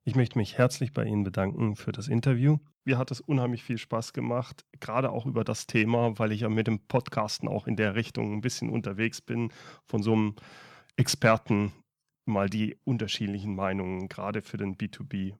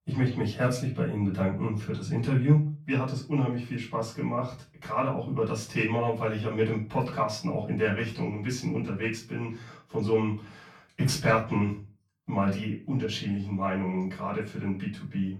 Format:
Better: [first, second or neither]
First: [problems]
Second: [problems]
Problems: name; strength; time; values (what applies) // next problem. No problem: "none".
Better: first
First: none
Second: off-mic speech; far // room echo; slight; dies away in 0.3 s